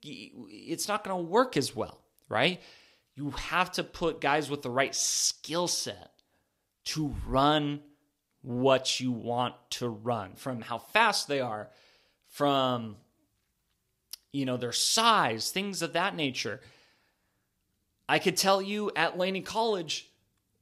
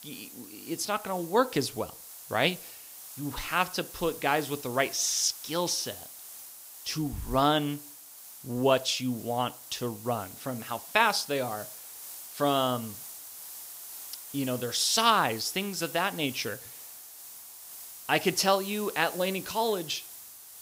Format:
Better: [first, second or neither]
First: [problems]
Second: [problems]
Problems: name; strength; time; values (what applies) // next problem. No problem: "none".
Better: first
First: none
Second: hiss; noticeable; throughout; 15 dB below the speech